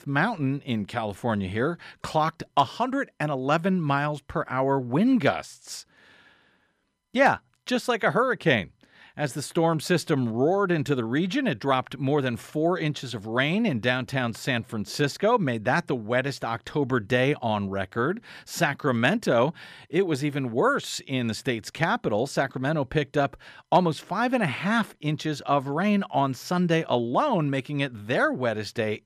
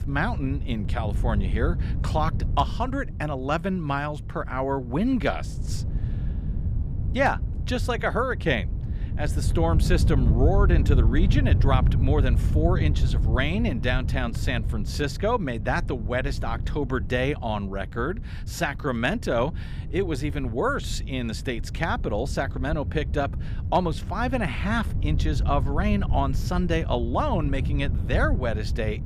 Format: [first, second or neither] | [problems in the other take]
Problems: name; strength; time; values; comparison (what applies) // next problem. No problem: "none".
first | wind noise on the microphone; occasional gusts; 15 dB below the speech